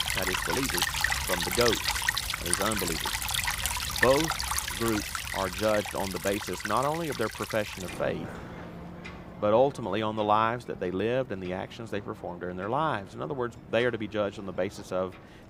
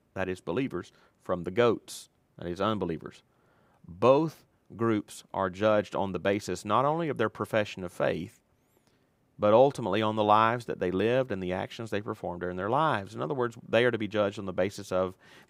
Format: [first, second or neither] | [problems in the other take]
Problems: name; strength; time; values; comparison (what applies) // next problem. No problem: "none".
second | rain or running water; very loud; throughout; as loud as the speech